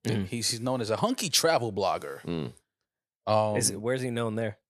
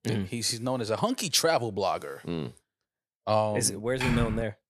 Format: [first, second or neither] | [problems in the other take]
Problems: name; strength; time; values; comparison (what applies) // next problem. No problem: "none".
first | keyboard typing; noticeable; at 4 s; peak 1 dB below the speech